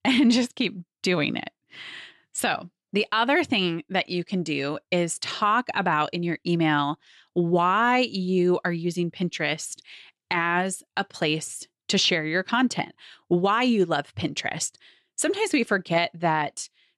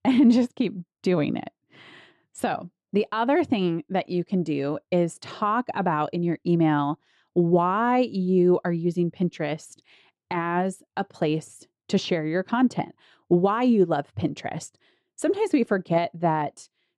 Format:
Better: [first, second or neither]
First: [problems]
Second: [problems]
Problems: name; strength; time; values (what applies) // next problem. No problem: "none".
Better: first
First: none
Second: muffled; slightly; fading above 1.5 kHz